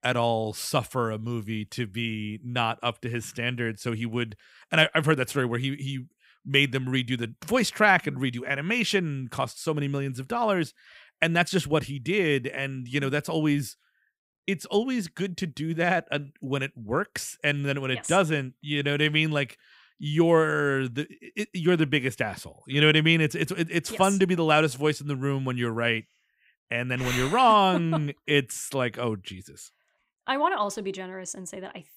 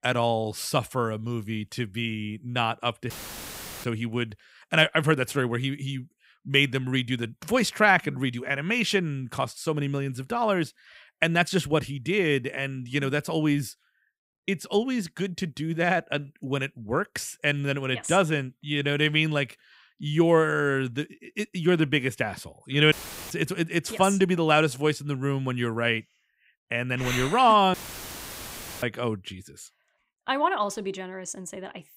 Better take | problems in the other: first | audio cutting out; filled with static; at 3 s for 0.5 s, at 23 s and at 28 s for 1 s

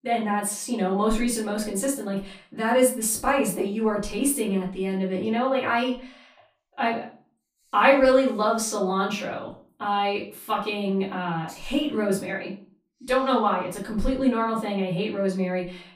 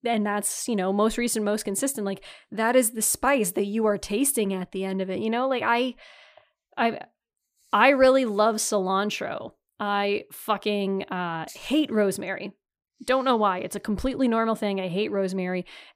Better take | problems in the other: second | off-mic speech; far // room echo; slight; dies away in 0.3 s

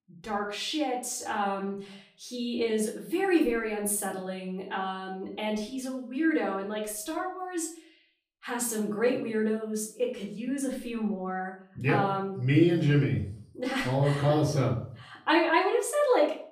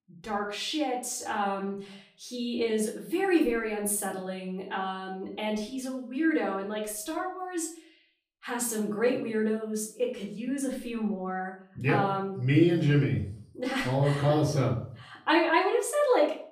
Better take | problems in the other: neither | room echo; slight; dies away in 0.4 s; the same in both // off-mic speech; far; the same in both

